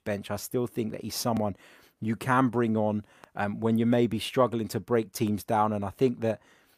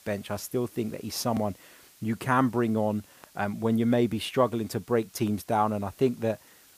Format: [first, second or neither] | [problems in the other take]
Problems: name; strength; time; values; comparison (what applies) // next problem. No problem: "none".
first | hiss; faint; throughout; 25 dB below the speech